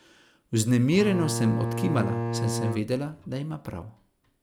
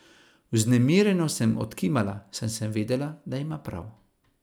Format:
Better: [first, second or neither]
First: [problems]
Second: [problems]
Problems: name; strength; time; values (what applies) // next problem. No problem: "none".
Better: second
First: background sound (Bowed string instrument); 3 dB below the speech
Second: none